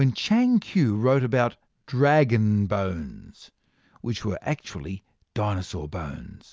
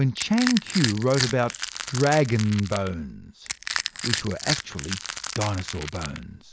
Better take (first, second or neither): first